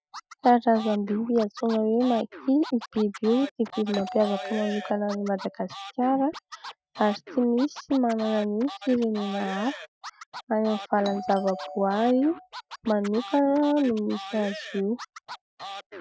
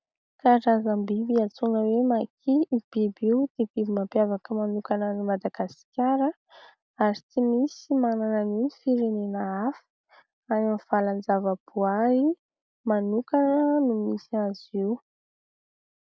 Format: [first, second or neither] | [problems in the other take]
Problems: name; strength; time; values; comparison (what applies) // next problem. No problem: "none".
second | noise reduction (classical method Wiener filter)